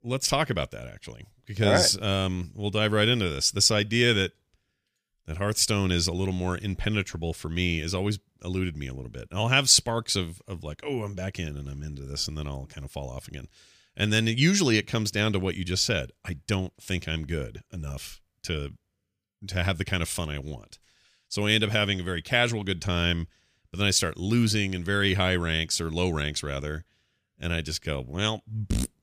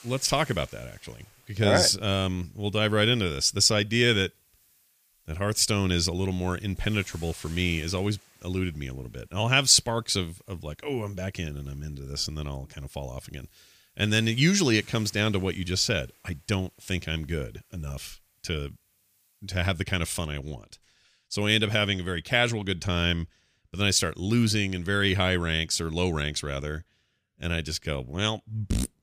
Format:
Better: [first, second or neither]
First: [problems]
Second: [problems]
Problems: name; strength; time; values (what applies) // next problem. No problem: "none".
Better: first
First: none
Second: hiss; faint; until 20 s; 30 dB below the speech